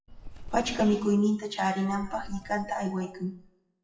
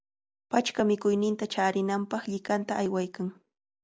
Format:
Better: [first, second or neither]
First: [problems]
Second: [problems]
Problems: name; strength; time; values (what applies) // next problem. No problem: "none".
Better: second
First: noise reduction (classical method WPE with log-MMSE)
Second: none